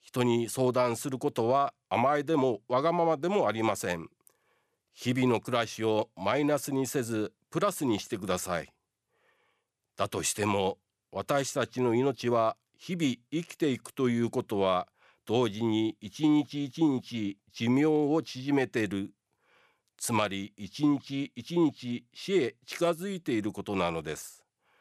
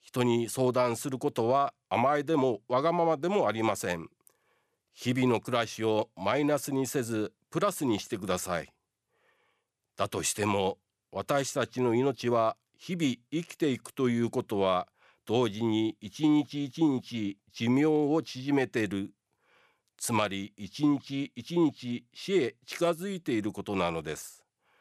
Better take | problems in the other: neither | none

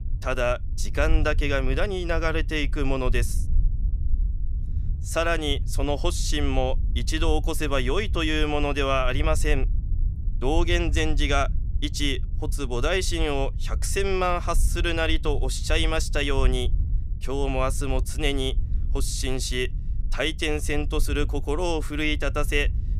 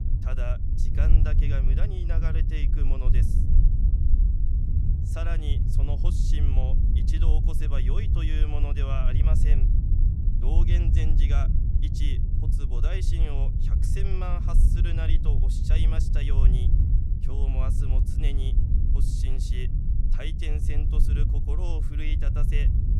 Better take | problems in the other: first | low rumble; loud; throughout; 2 dB below the speech; faint in the first

